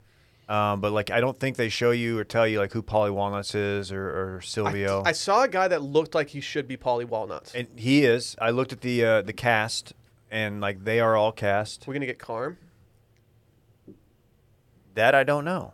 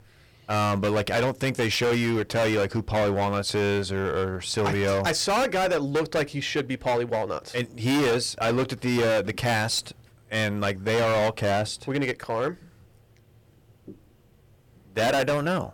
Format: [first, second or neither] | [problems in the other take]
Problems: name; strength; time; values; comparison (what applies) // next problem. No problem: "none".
first | distortion; heavy; 17% of the sound clipped